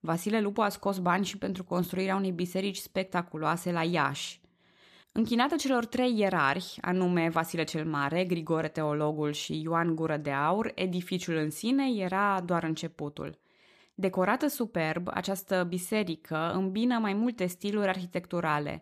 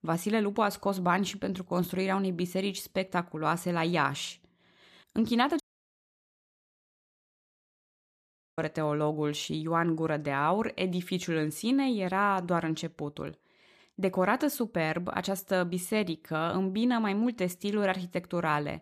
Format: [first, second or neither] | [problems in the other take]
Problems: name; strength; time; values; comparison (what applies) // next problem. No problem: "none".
first | audio cutting out; at 5.5 s for 3 s